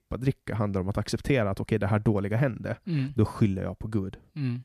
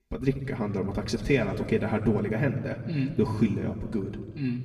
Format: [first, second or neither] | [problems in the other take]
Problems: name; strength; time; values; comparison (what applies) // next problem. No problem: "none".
first | room echo; slight; dies away in 1.7 s // off-mic speech; somewhat distant